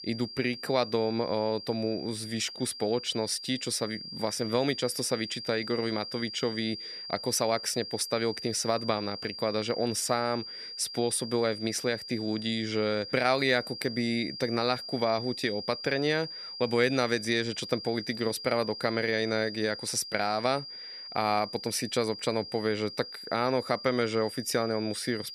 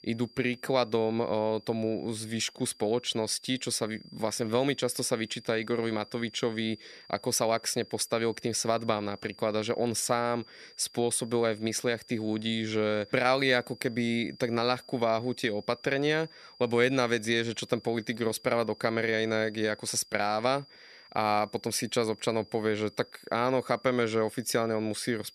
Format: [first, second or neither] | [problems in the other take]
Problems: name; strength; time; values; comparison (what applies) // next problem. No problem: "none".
second | high-pitched whine; loud; throughout; 5 kHz, 9 dB below the speech; faint in the second